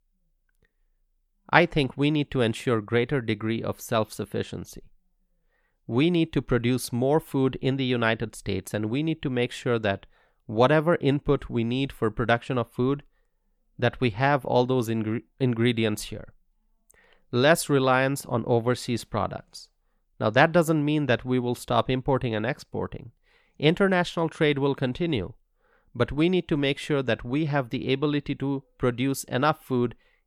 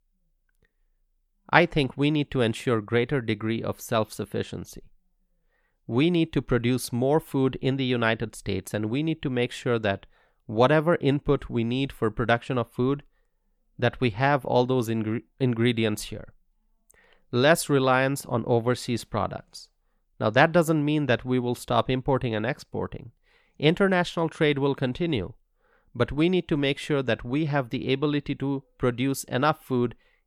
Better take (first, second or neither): neither